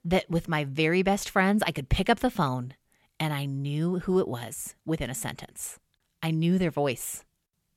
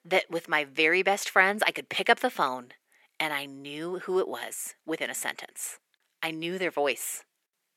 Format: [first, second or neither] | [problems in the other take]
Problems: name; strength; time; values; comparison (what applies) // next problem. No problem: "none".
first | thin; very; fading below 350 Hz